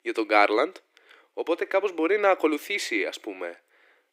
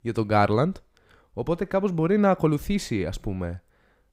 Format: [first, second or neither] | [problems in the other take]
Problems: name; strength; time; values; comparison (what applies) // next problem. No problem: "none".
second | thin; very; fading below 300 Hz